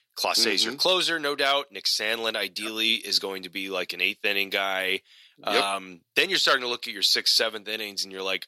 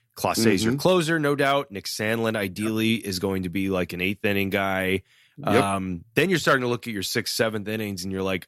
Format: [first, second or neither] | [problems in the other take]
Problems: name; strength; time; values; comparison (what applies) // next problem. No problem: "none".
second | thin; somewhat; fading below 450 Hz